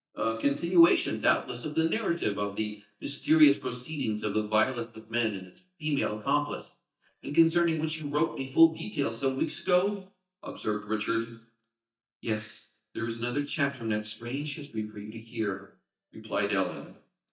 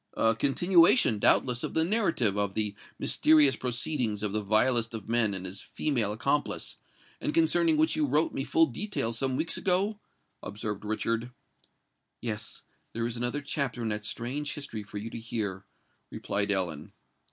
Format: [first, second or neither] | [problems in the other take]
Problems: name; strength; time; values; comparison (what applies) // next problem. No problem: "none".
second | noise reduction (neural mask model DeepFilterNet 3)